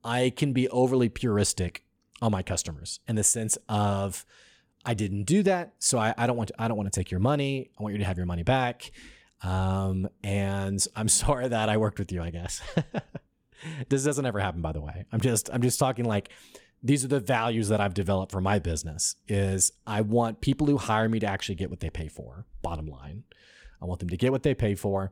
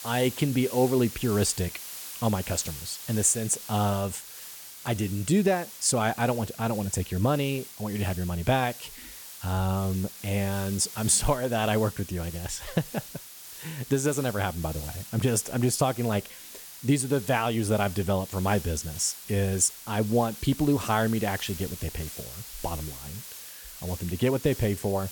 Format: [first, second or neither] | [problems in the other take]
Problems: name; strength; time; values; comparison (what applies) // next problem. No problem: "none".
first | hiss; noticeable; throughout; 10 dB below the speech